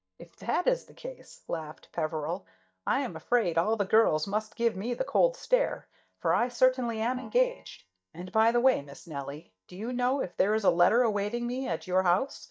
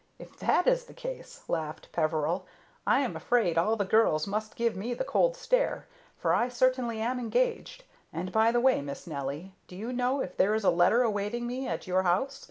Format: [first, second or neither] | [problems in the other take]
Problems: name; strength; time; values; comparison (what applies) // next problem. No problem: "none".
second | noise reduction (neural mask model DeepFilterNet 3)